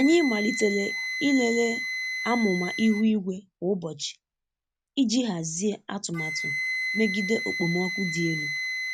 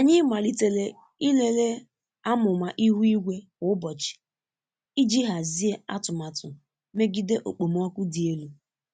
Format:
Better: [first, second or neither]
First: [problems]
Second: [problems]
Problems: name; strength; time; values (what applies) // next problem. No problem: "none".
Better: second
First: background sound (Wind instrument, woodwind instrument); 5 dB below the speech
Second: none